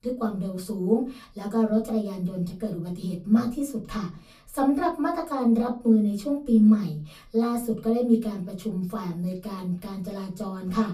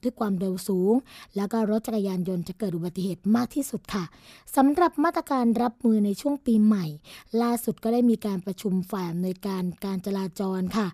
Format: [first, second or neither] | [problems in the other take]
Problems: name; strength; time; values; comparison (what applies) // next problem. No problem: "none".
second | off-mic speech; far // room echo; very slight; dies away in 0.2 s